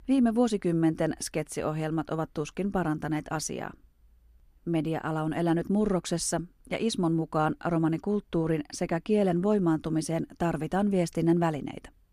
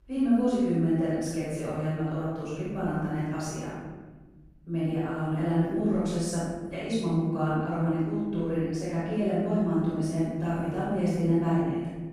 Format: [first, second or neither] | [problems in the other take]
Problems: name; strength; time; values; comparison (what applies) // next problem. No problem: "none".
first | off-mic speech; far // room echo; strong; dies away in 1.5 s